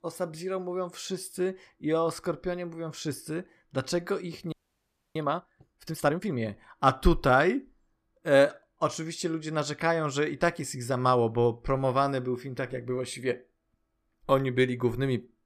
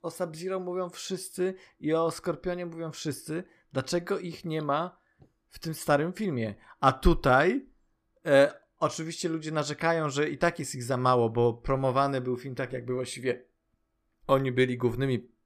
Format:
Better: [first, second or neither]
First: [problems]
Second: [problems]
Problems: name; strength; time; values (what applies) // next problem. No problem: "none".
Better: second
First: audio freezing; at 4.5 s for 0.5 s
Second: none